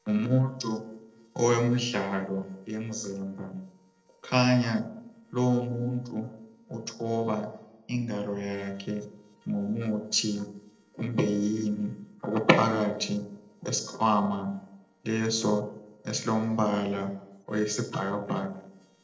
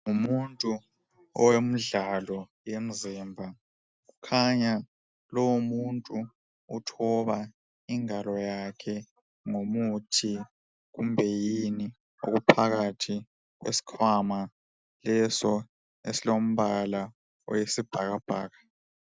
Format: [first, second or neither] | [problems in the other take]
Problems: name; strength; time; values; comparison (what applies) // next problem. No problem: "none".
second | noise reduction (neural separator model SepFormer DNS4)